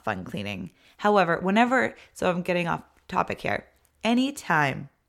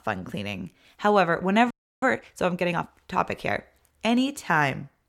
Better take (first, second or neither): first